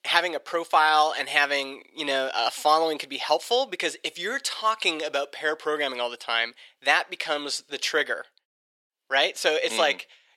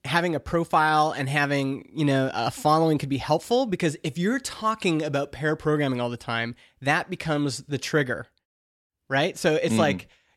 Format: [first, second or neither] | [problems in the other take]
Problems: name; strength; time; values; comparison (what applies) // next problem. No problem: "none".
second | thin; very; fading below 500 Hz